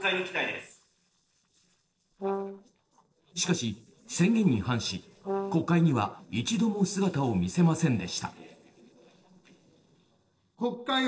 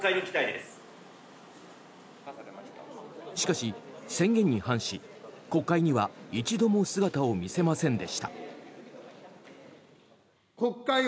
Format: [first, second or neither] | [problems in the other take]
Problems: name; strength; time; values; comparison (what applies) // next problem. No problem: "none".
second | noise reduction (neural separator model SepFormer DNS4)